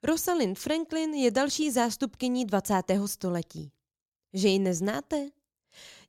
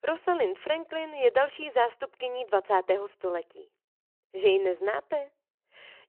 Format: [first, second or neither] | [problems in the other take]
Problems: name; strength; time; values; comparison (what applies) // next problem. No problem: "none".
first | phone-call audio